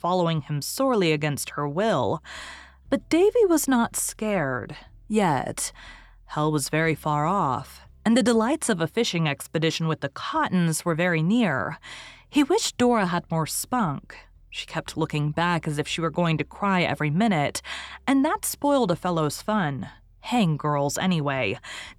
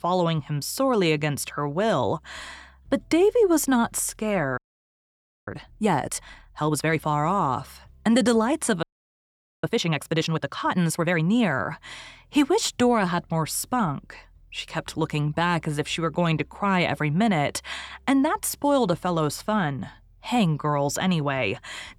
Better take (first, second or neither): first